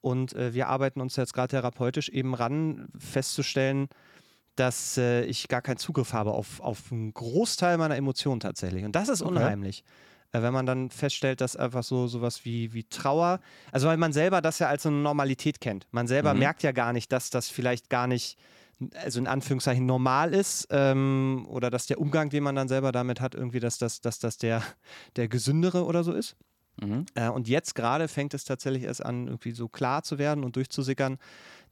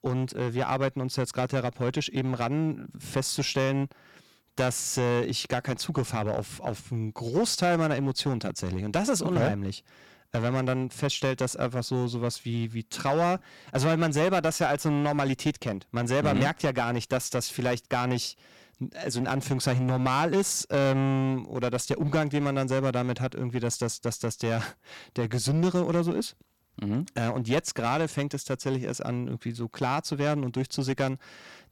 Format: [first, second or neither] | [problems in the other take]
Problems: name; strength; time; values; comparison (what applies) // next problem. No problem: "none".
first | distortion; slight; 6% of the sound clipped